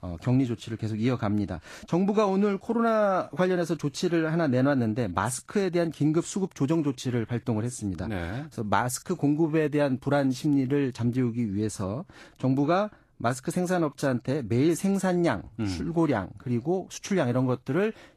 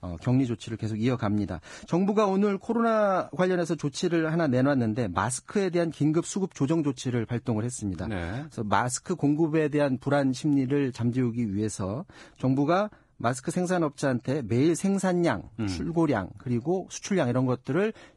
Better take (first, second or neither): first